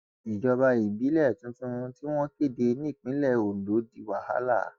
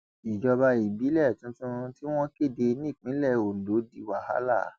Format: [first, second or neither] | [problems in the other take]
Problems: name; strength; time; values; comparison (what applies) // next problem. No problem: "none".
second | noise reduction (neural mask model DeepFilterNet 3)